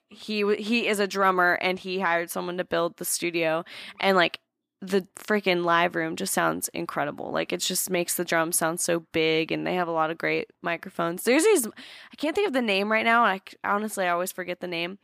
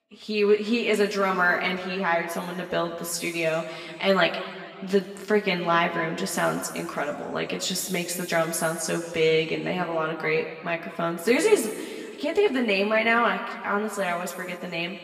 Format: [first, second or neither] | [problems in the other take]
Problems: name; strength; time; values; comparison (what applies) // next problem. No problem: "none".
first | room echo; slight; dies away in 1.9 s // off-mic speech; far